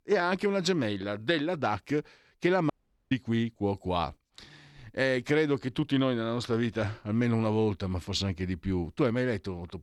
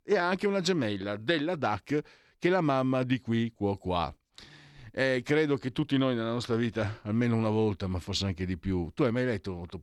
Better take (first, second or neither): second